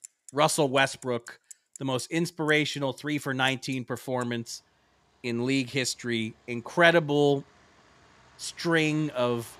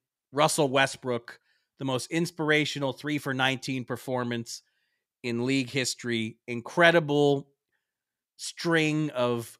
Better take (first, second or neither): second